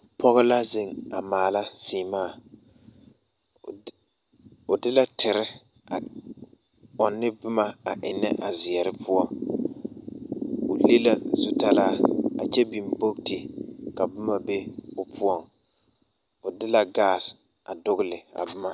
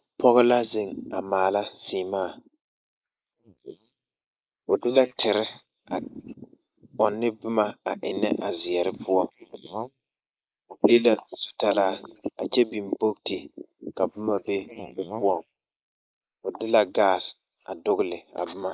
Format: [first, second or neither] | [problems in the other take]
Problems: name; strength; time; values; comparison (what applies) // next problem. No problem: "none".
first | noise reduction (neural mask model Resemble Enhance denoiser)